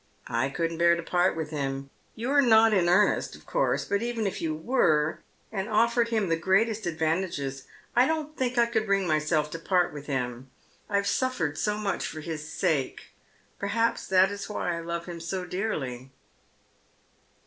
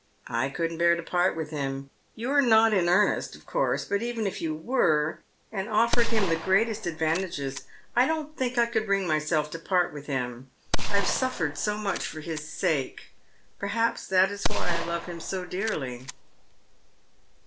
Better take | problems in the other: first | background sound (Gunshot, gunfire); 2 dB above the speech

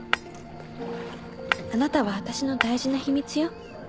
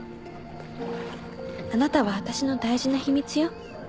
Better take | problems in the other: second | background sound (Shatter); 5 dB below the speech

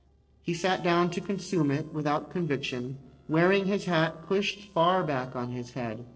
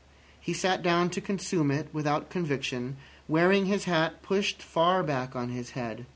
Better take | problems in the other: second | noise reduction (neural separator model SepFormer DNS4)

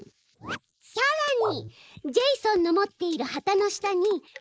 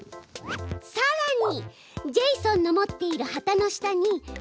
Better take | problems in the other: second | noise reduction (neural mask model Resemble Enhance denoiser)

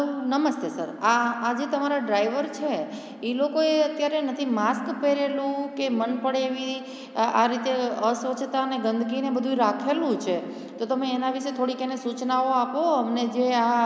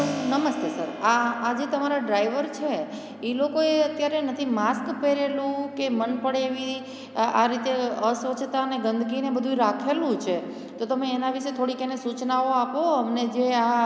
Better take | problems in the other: first | background sound (Keyboard (musical)); 18 dB below the speech

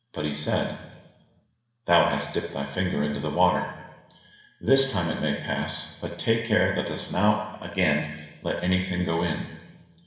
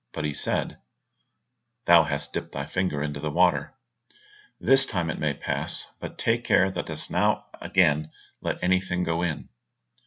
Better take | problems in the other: second | room echo; dies away in 1.3 s

